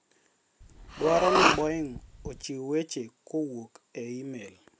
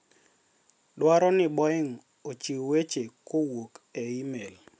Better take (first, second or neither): second